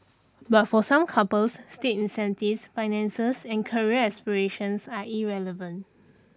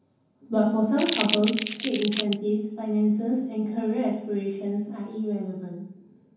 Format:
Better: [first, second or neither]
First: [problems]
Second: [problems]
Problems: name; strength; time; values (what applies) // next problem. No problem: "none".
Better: first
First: none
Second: background sound (Crumpling, crinkling); 5 dB below the speech // room echo; dies away in 0.9 s